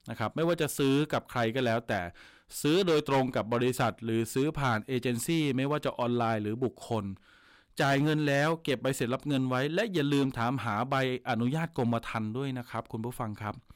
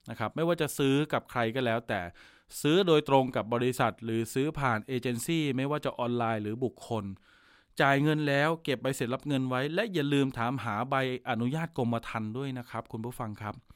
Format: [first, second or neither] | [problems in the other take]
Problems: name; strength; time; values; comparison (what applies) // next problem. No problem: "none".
second | distortion; slight; 5% of the sound clipped